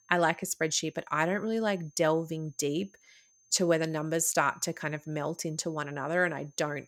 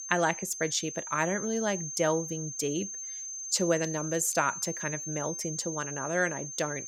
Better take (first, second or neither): first